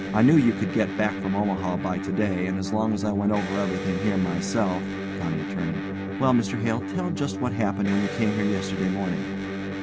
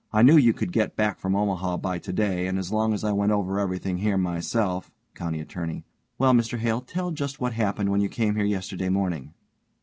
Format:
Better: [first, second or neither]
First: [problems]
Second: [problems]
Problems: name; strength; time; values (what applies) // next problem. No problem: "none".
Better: second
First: background sound (Electric guitar); 5 dB below the speech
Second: none